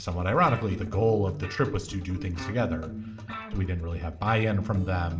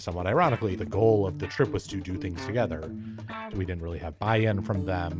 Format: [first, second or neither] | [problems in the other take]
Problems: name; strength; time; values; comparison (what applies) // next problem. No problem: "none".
second | room echo; dies away in 0.4 s